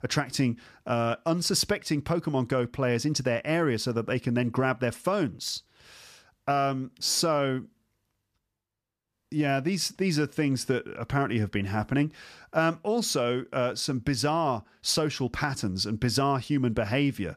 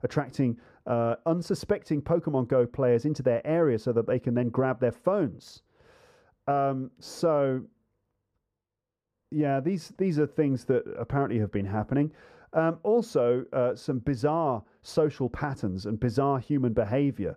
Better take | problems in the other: first | muffled; very; fading above 2 kHz

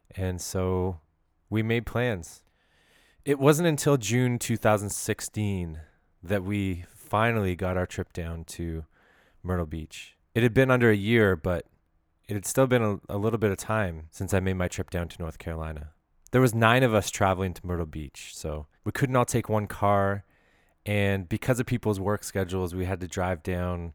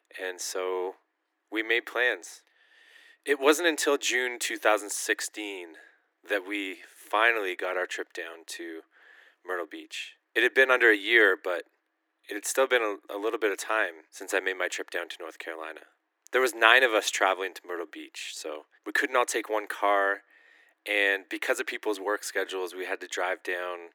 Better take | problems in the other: first | thin; very; fading below 300 Hz

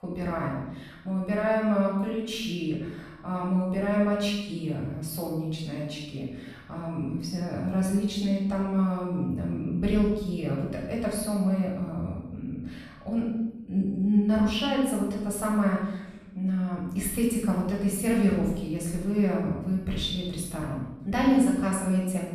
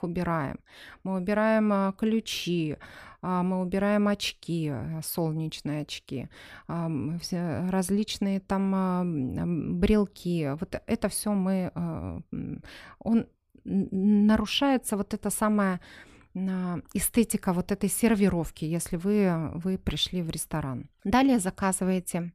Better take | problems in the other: second | off-mic speech; far // room echo; noticeable; dies away in 0.8 s

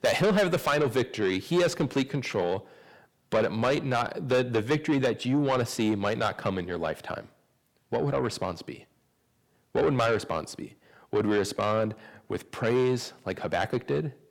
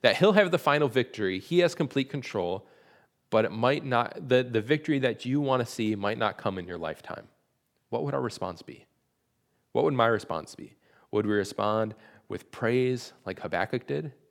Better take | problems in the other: second | distortion; heavy; 7 dB below the speech

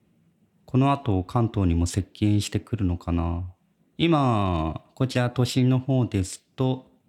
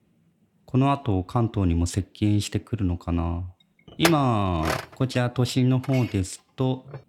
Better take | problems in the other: first | clattering dishes; noticeable; at 4 s; peak 1 dB below the speech

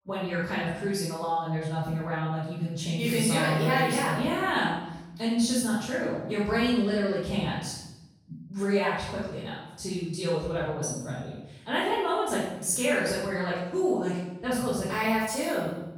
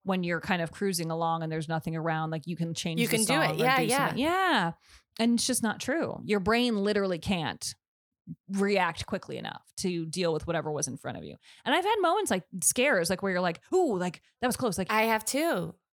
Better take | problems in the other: second | off-mic speech; far // room echo; strong; dies away in 0.8 s

